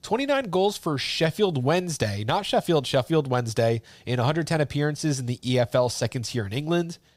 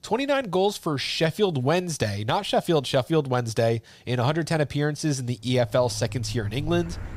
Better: first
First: none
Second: traffic noise; noticeable; from 5.5 s on; 10 dB below the speech

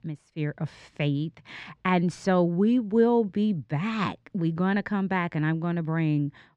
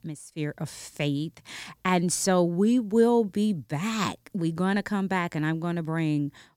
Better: second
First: muffled; slightly; fading above 2.5 kHz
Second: none

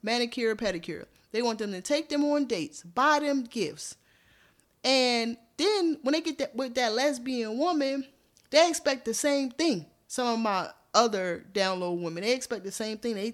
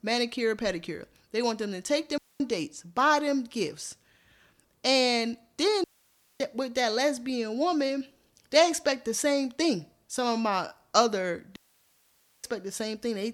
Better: first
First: none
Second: audio cutting out; at 2 s, at 6 s for 0.5 s and at 12 s for 1 s

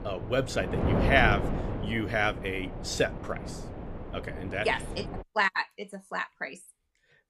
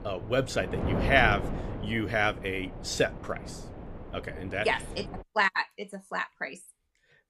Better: second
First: wind noise on the microphone; heavy; until 5 s; 9 dB below the speech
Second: wind noise on the microphone; occasional gusts; until 5 s; 15 dB below the speech

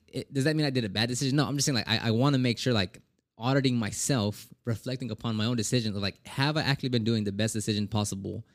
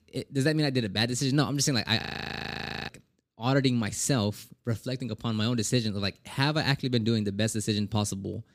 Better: first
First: none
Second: audio freezing; at 2 s for 1 s

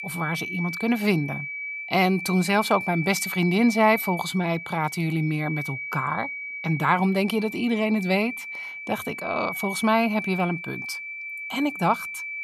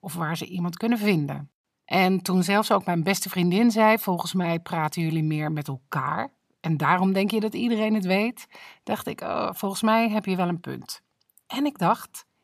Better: second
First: high-pitched whine; loud; throughout; 2.5 kHz, 7 dB below the speech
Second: none

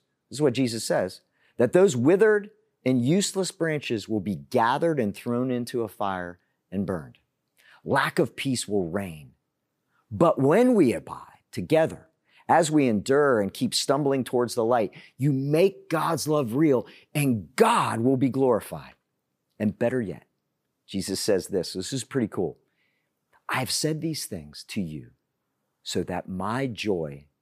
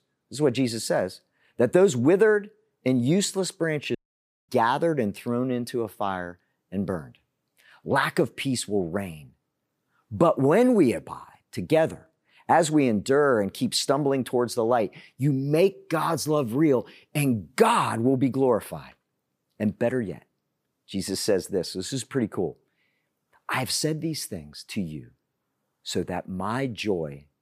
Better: first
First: none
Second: audio cutting out; at 4 s for 0.5 s

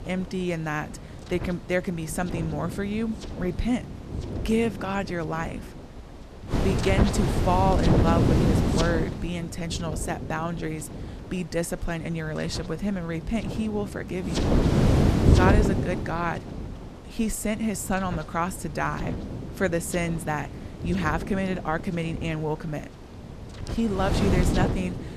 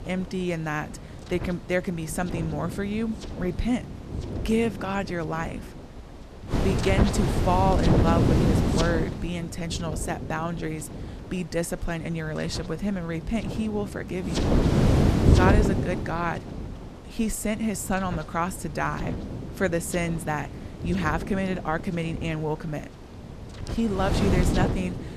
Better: neither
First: wind noise on the microphone; heavy; 3 dB below the speech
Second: wind noise on the microphone; heavy; 3 dB below the speech

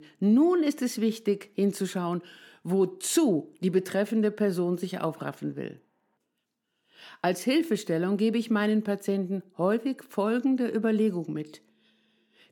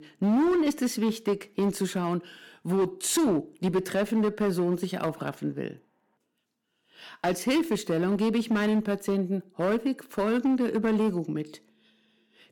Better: first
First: none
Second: distortion; slight; 10% of the sound clipped

